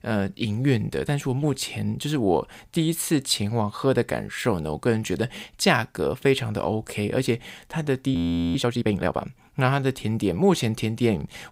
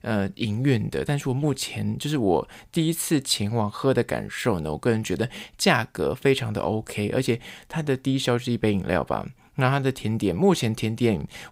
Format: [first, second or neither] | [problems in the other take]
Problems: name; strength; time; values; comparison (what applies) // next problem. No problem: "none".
second | audio freezing; at 8 s